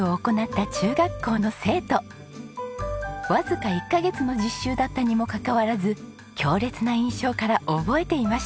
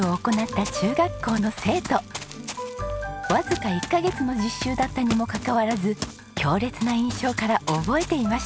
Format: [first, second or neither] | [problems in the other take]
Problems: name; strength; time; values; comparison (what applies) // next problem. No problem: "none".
first | background sound (Run); 13 dB below the speech